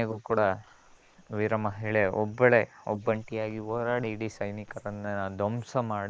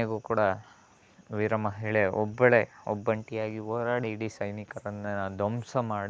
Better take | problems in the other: second | noise reduction (neural mask model Resemble Enhance denoiser)

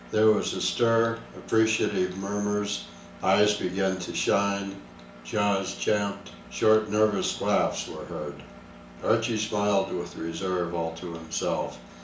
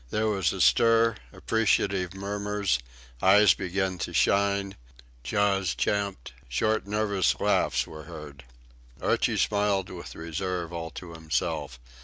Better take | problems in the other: second | background sound (Engine); 19 dB below the speech // room echo; dies away in 0.7 s

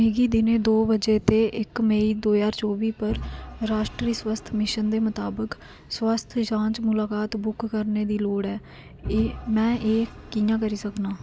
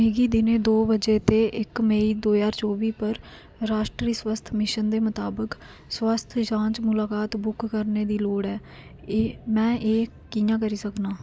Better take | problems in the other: second | background sound (Engine / Vehicle); 18 dB below the speech

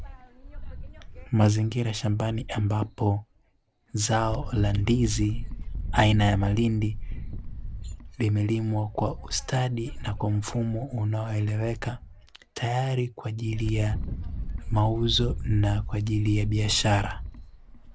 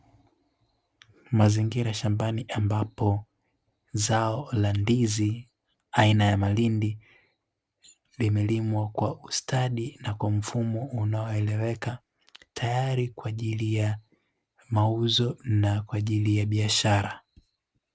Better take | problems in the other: second | background sound (Wind); 8 dB below the speech

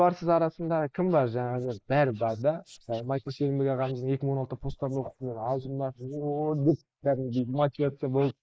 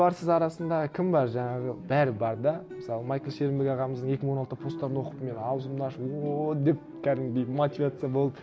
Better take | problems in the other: second | noise reduction (neural mask model Resemble Enhance denoiser)

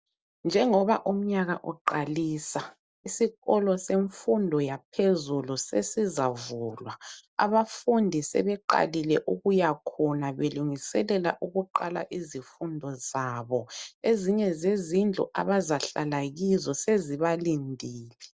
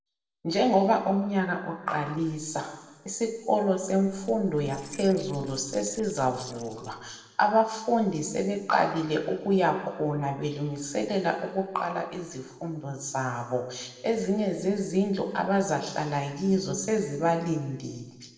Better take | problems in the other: first | noise reduction (neural separator model SepFormer DNS4)

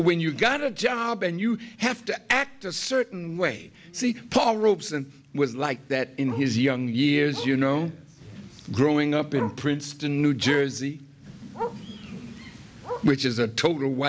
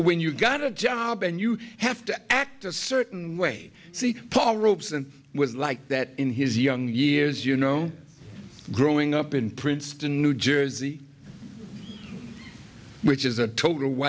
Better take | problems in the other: second | background sound (Bark); 18 dB below the speech

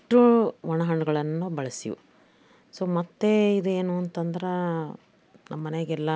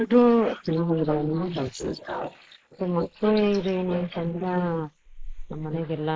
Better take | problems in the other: first | noise reduction (neural mask model Resemble Enhance denoiser)

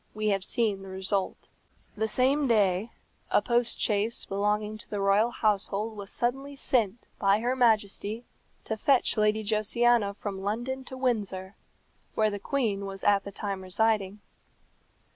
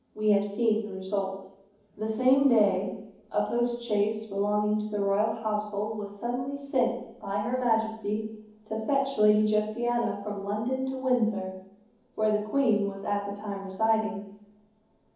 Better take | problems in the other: first | room echo; dies away in 0.9 s

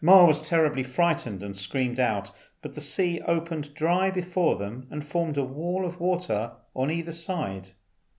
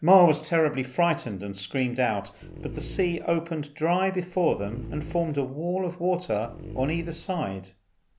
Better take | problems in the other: first | background sound (Dog); 13 dB below the speech

